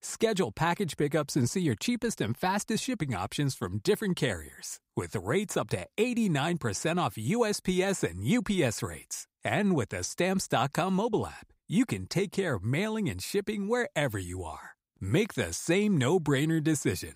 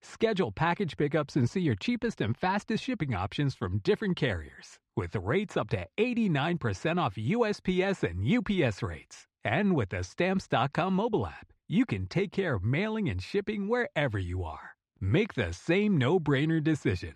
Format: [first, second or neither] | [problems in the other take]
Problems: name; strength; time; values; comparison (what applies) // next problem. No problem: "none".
first | muffled; slightly; fading above 3 kHz